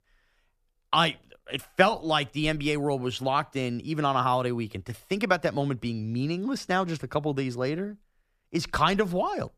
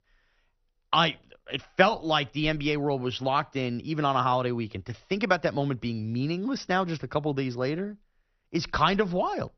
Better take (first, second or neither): first